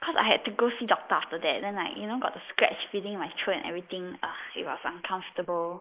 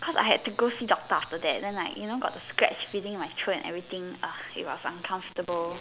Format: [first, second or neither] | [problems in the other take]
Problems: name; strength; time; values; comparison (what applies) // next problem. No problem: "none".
second | noise reduction (neural mask model Resemble Enhance denoiser)